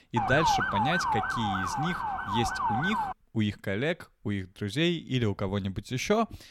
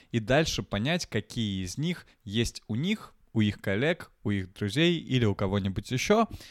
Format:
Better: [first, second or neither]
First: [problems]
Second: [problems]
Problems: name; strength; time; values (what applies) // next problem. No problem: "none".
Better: second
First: siren; loud; until 3 s; peak 5 dB above the speech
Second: none